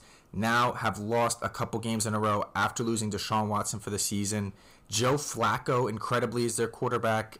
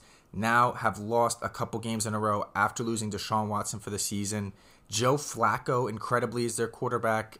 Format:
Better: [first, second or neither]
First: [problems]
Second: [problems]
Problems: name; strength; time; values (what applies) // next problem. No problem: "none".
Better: second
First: distortion; slight; 5% of the sound clipped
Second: none